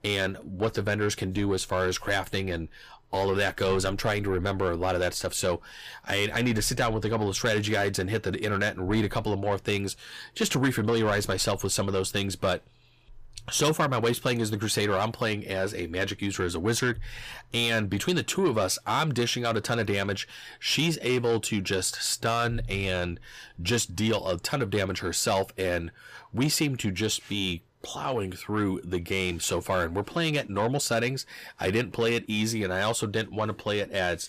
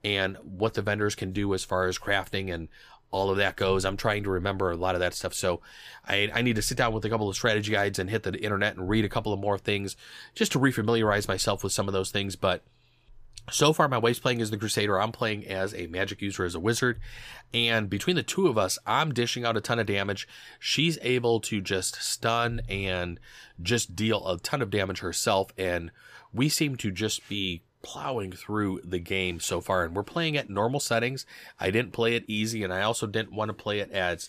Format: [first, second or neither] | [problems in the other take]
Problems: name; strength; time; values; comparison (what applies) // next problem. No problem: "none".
second | distortion; slight; 10 dB below the speech